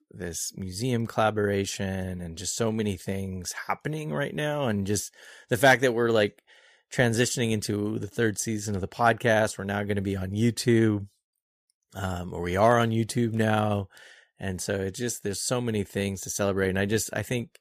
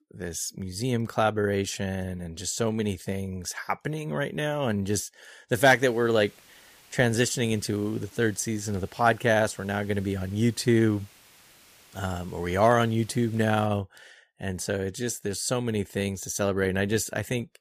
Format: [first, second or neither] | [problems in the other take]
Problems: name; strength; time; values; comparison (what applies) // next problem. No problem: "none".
first | hiss; faint; from 5.5 to 14 s; 25 dB below the speech